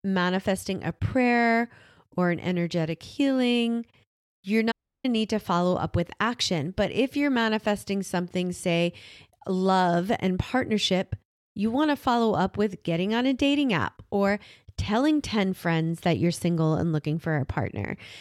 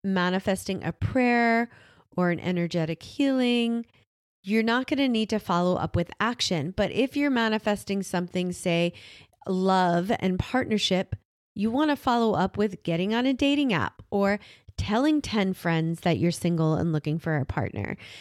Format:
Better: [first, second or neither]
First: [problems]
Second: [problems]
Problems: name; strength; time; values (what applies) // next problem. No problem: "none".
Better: second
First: audio cutting out; at 4.5 s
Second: none